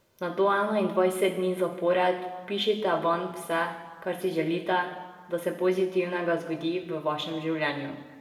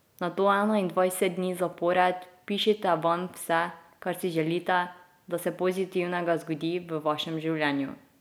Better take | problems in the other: second | room echo; dies away in 1.1 s

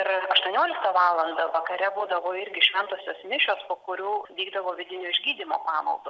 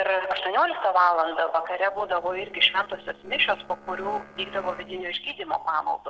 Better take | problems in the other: first | noise reduction (neural separator model SepFormer DNS4)

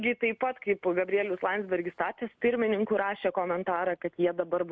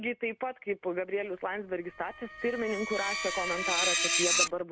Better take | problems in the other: first | background sound (Screech); 1 dB above the speech

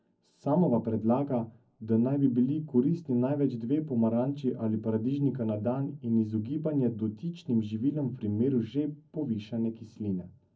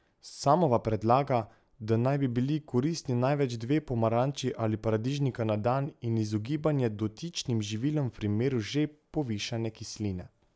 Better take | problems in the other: second | room echo; dies away in 0.4 s

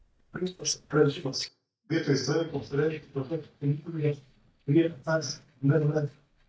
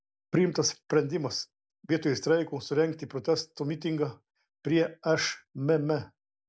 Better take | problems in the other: second | noise reduction (neural mask model DeepFilterNet 3)

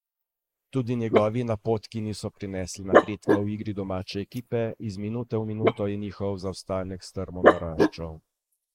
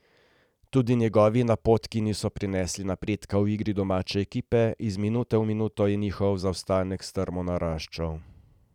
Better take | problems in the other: second | noise reduction (neural mask model Resemble Enhance denoiser)

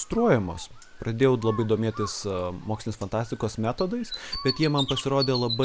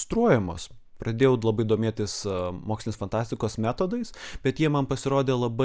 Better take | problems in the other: second | background sound (Bird); 12 dB below the speech

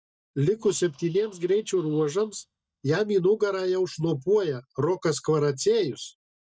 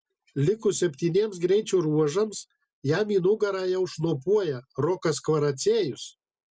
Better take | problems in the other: second | noise reduction (neural mask model DeepFilterNet 3)

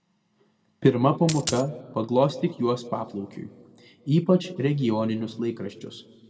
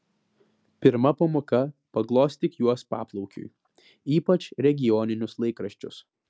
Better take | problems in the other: second | background sound (Coin (dropping)); 7 dB below the speech // room echo; dies away in 1.1 s

